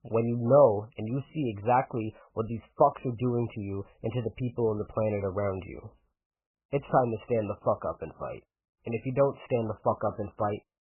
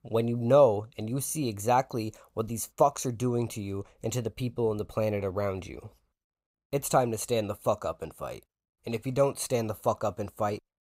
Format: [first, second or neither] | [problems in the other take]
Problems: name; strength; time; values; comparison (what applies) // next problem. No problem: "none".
second | garbled, watery; badly; nothing above 3 kHz